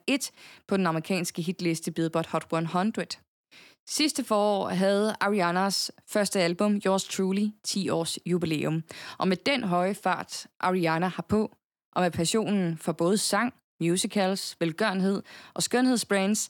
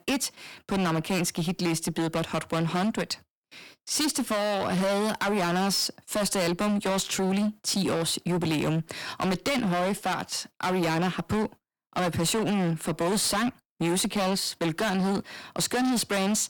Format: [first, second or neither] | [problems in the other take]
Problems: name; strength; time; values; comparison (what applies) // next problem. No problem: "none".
first | distortion; heavy; 26% of the sound clipped